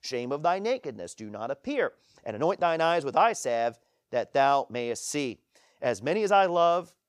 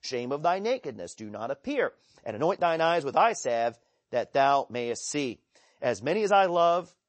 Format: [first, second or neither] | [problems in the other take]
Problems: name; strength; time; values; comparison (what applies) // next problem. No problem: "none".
first | garbled, watery; slightly; nothing above 8 kHz